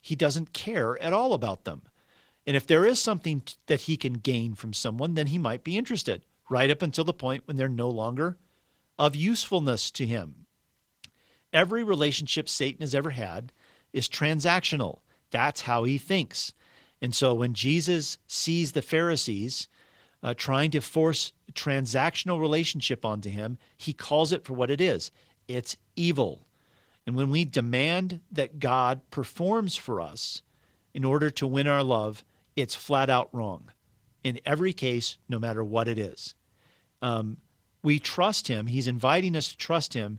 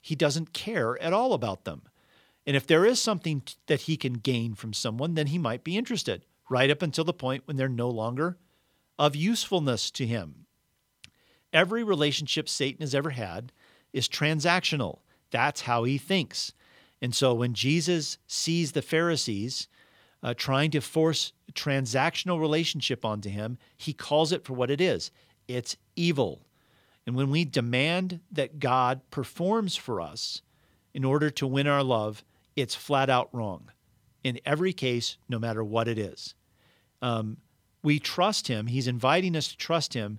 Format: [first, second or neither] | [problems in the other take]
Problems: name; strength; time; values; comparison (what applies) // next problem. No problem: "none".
second | garbled, watery; slightly